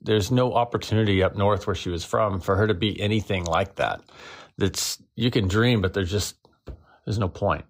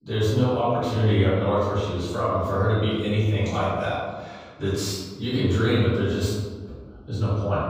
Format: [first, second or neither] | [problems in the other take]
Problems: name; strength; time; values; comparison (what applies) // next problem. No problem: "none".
first | off-mic speech; far // room echo; strong; dies away in 1.4 s